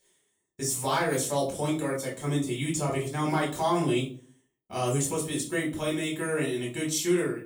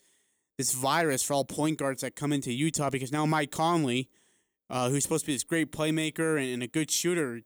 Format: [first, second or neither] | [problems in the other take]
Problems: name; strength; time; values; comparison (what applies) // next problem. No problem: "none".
second | off-mic speech; far // room echo; slight; dies away in 0.3 s